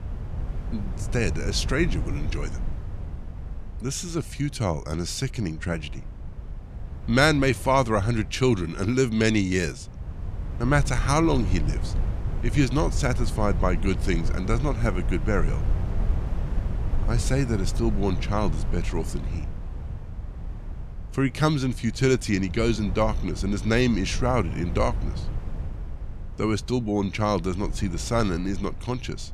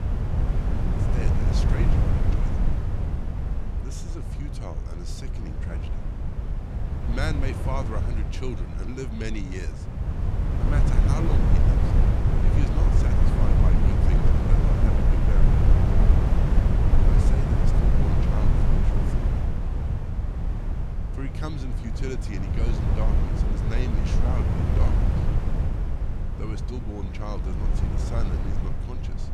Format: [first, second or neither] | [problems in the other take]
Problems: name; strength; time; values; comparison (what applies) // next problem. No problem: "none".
first | wind noise on the microphone; heavy; 3 dB above the speech; occasional gusts in the first